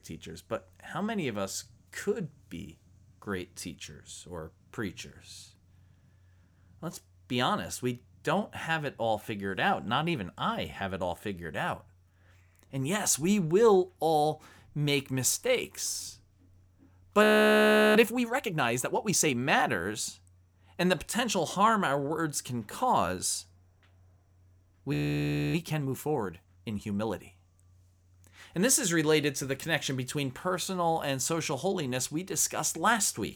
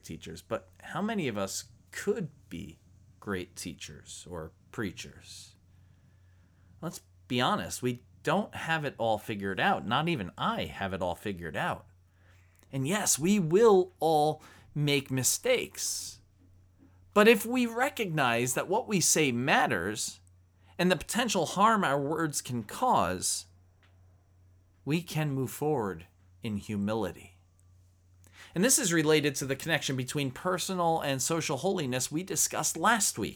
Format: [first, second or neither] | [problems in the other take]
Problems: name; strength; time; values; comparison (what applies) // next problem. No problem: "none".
second | audio freezing; at 17 s for 0.5 s and at 25 s for 0.5 s